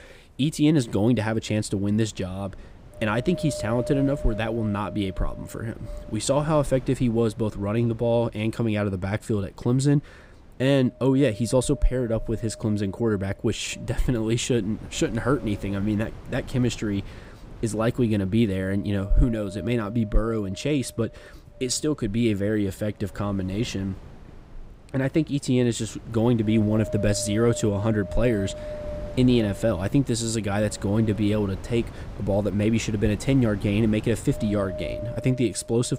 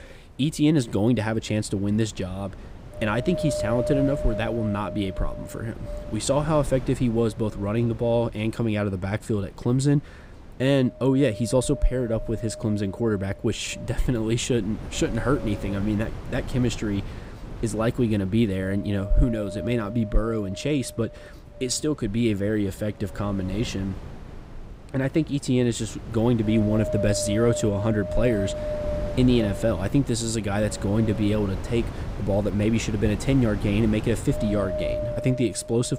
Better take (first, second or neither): first